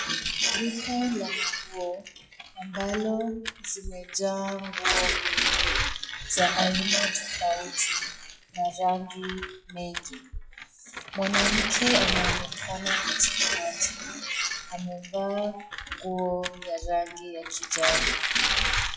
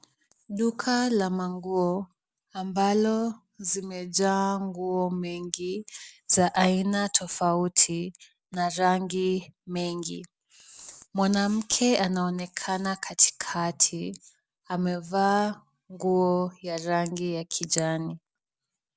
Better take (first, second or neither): second